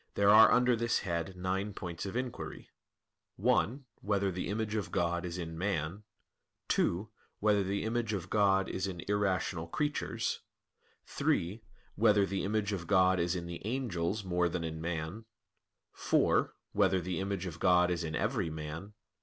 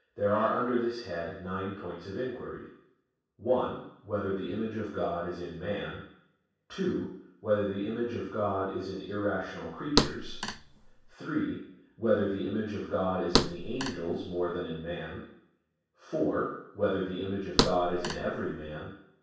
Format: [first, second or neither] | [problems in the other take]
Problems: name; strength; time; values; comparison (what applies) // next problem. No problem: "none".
first | background sound (Thump, thud); as loud as the speech // room echo; dies away in 0.7 s